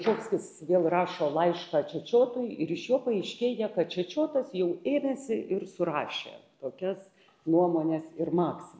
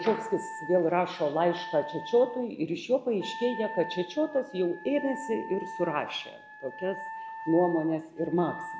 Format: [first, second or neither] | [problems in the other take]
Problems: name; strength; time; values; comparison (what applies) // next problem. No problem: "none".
first | background sound (Wind instrument, woodwind instrument); 12 dB below the speech